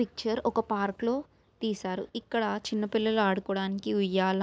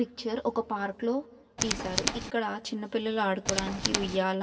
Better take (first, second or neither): first